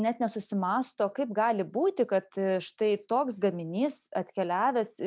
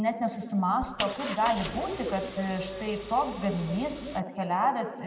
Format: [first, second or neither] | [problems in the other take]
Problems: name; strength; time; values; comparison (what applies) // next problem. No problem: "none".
first | background sound (Engine); 11 dB below the speech // room echo; dies away in 1.9 s